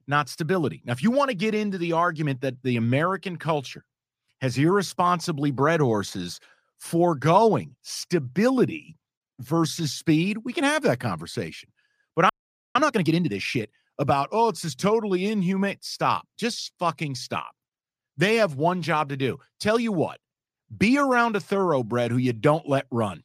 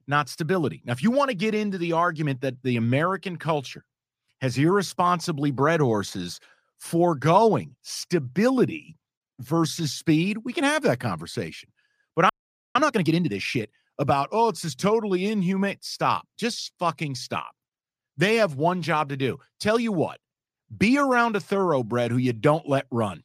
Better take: neither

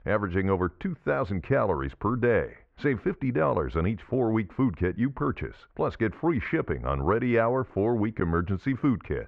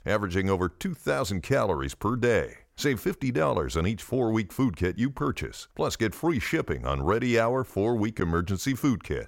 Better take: second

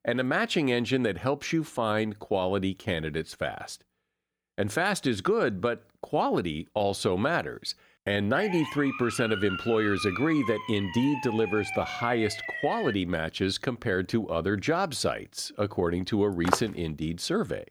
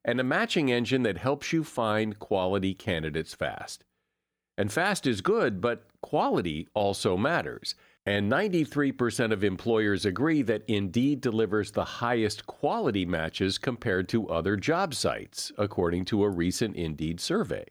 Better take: second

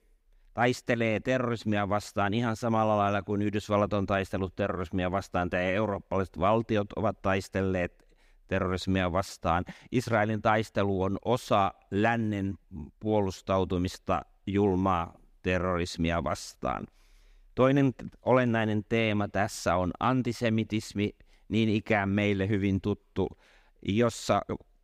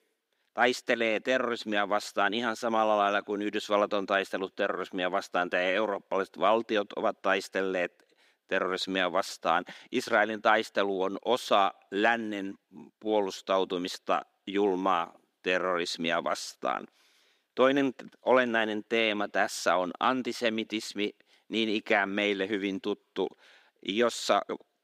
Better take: first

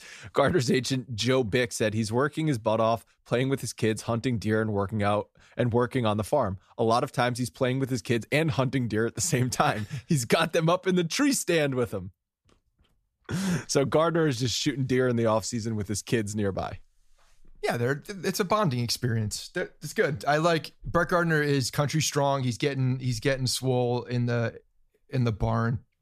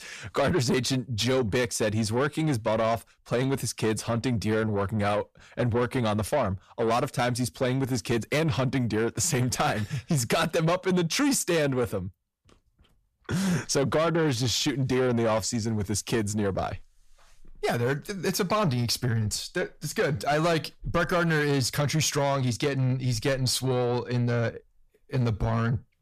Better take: first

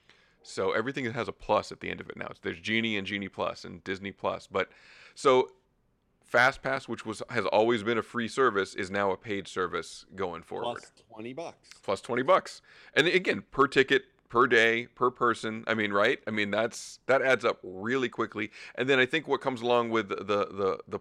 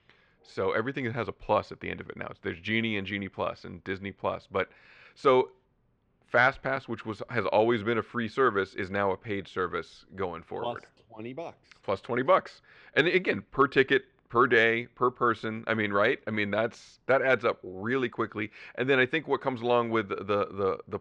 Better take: first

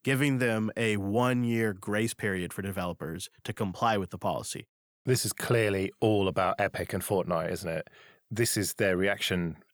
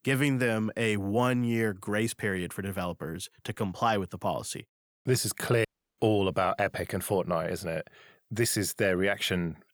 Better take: first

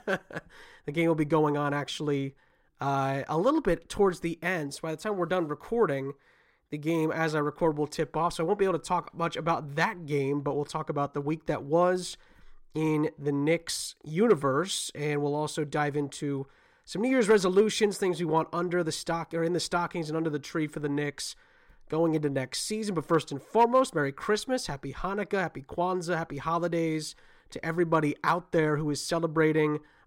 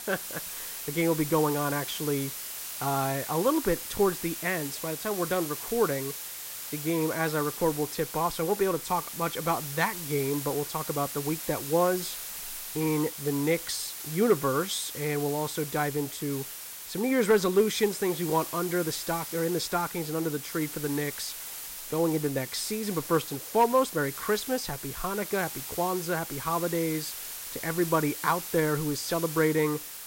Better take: first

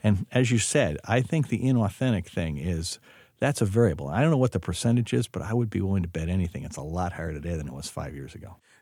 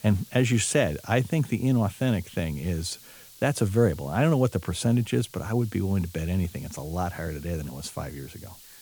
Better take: first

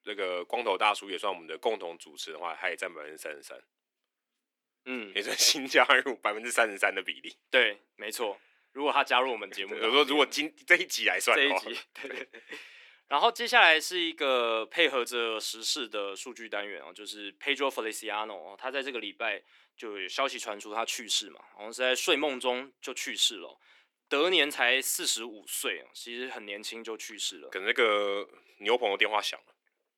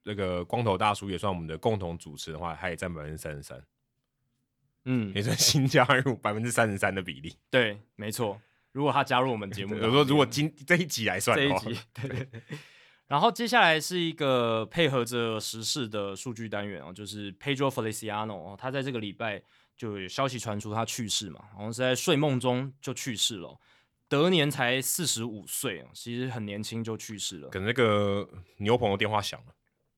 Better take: second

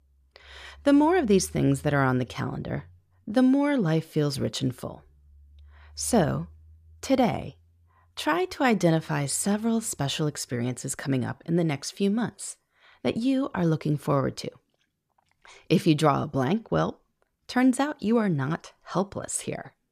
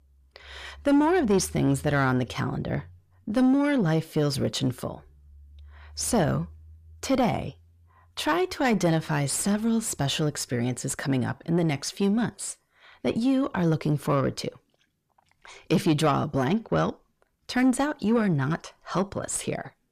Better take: first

